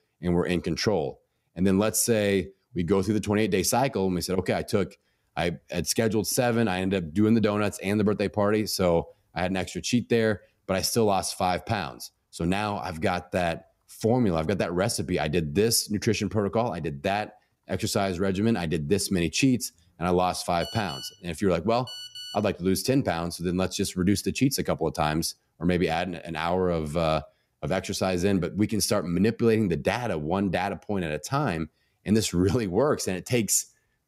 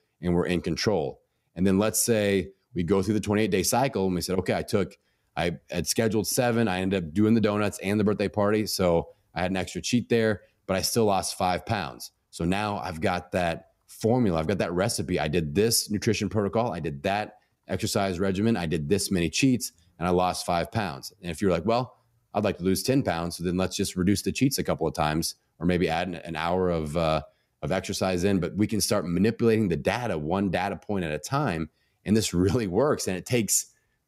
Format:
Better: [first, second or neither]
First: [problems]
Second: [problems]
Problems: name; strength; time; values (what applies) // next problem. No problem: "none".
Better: second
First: phone ringing; faint; from 21 to 22 s; peak 10 dB below the speech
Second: none